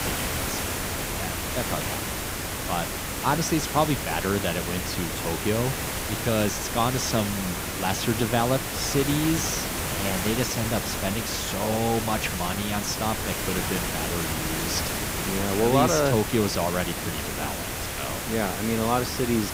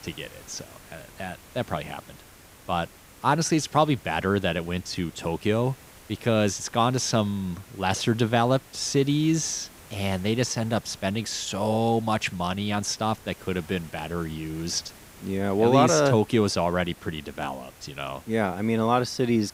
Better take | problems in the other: second | hiss; loud; throughout; 1 dB below the speech; faint in the second

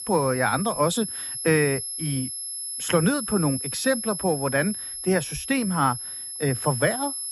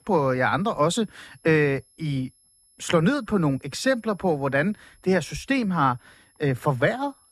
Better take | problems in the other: second | high-pitched whine; loud; throughout; 11 kHz, 5 dB below the speech; faint in the second

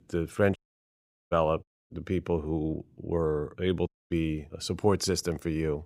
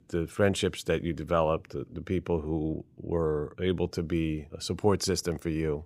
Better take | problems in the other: second | audio cutting out; at 0.5 s for 1 s, at 1.5 s and at 4 s

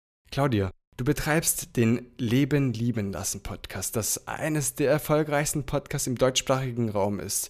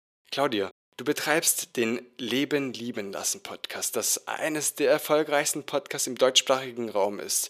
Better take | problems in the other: first | thin; somewhat; fading below 400 Hz

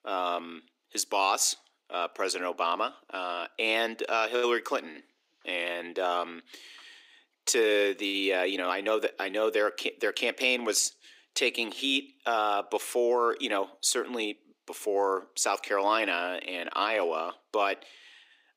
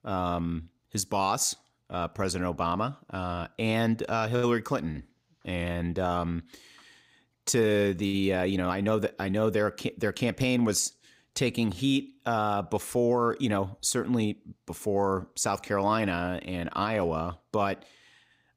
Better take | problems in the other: second | thin; somewhat; fading below 300 Hz

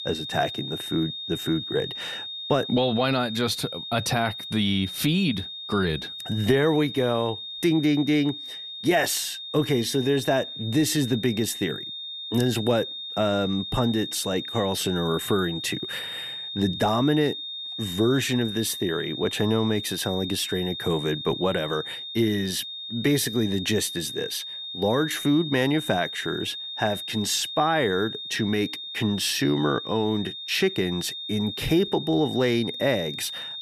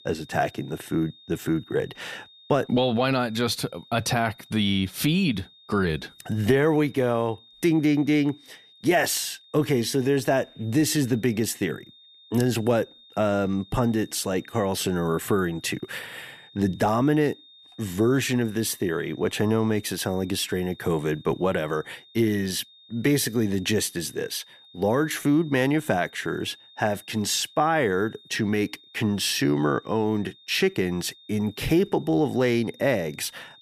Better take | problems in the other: second | high-pitched whine; loud; throughout; 3.5 kHz, 7 dB below the speech; faint in the second

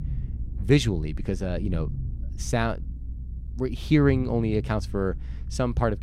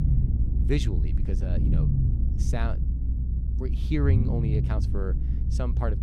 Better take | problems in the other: first | low rumble; loud; throughout; 4 dB below the speech; faint in the first

